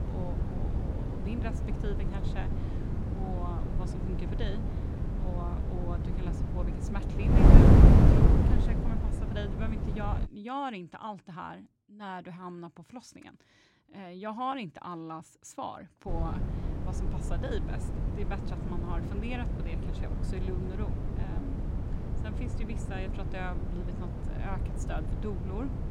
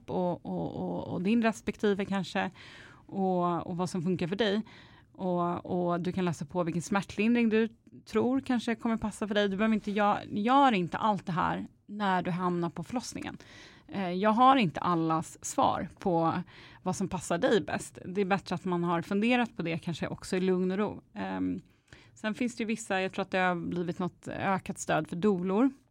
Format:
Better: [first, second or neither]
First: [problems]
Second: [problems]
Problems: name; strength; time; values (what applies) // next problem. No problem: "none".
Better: second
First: wind noise on the microphone; heavy; until 10 s and from 16 s on; 3 dB above the speech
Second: none